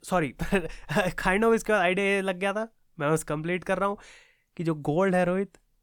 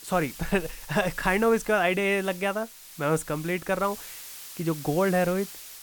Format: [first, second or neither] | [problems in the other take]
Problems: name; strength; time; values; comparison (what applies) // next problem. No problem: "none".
first | hiss; noticeable; throughout; 15 dB below the speech